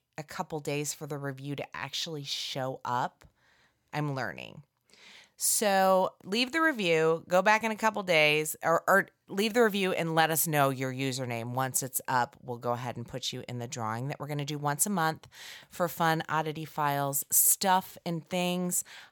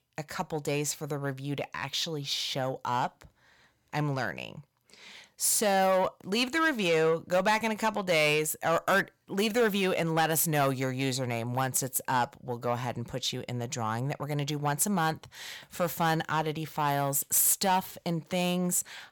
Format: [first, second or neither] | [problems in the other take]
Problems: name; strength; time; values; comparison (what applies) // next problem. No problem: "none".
first | distortion; slight; 10 dB below the speech